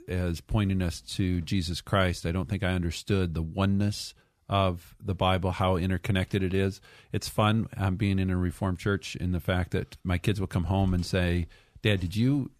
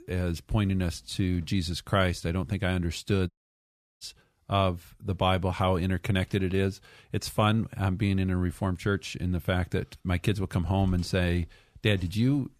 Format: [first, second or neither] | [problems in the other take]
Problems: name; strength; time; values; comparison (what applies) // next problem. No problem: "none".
first | audio cutting out; at 3.5 s for 0.5 s